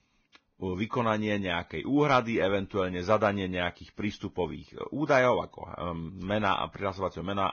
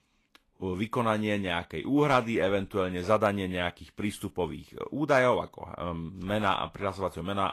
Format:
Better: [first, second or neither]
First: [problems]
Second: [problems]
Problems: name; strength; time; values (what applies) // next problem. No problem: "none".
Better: second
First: garbled, watery; badly; nothing above 6.5 kHz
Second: garbled, watery; slightly; nothing above 12.5 kHz